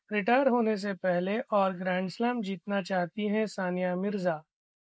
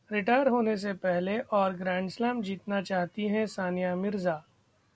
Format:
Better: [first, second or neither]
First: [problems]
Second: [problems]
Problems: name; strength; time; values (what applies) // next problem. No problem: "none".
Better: second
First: noise reduction (neural mask model Resemble Enhance denoiser)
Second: none